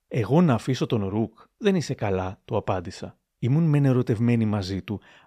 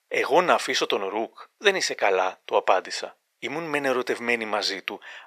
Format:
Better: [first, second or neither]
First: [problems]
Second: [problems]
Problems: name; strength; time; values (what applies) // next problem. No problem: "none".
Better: first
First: none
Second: thin; very; fading below 500 Hz